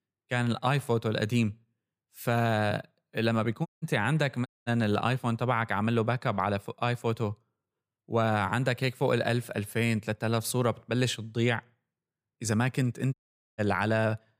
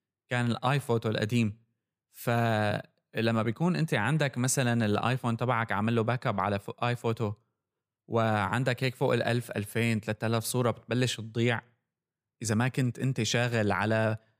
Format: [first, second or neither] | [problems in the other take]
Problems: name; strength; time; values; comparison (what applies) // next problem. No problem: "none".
second | audio cutting out; at 3.5 s, at 4.5 s and at 13 s